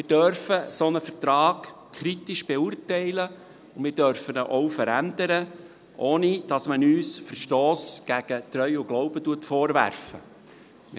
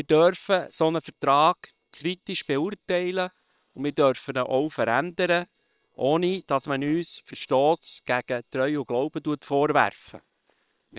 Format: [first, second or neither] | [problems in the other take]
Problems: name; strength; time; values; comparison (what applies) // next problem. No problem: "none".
first | noise reduction (neural separator model SepFormer WHAM!)